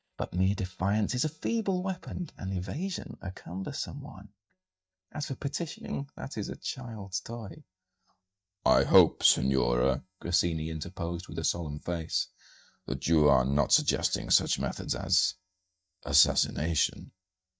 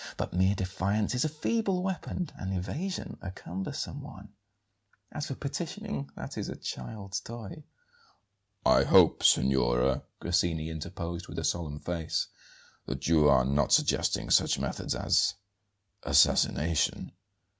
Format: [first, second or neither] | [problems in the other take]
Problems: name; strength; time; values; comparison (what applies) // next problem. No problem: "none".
second | noise reduction (neural mask model DeepFilterNet 3)